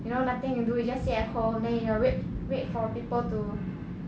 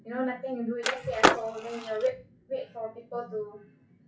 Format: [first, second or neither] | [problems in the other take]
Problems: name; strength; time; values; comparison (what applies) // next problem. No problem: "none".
first | noise reduction (classical method WPE with log-MMSE)